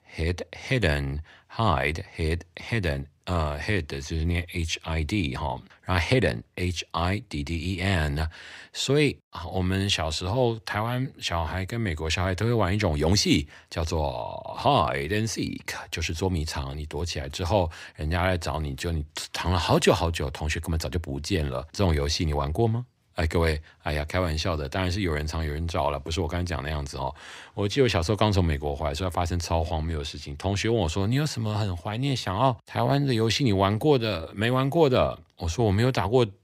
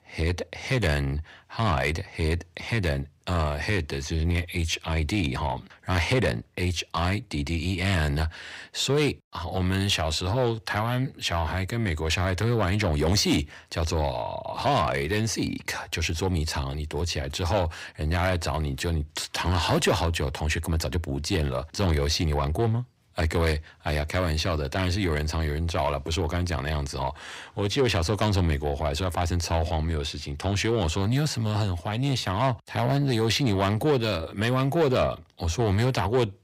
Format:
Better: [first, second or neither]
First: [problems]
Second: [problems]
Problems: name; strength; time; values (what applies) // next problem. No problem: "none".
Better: first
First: none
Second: distortion; slight; 10 dB below the speech